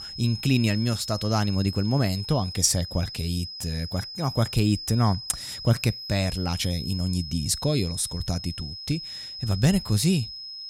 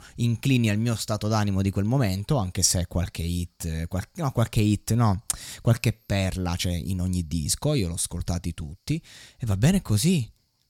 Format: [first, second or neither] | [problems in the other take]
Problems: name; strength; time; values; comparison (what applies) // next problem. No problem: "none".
second | high-pitched whine; loud; throughout; 5 kHz, 9 dB below the speech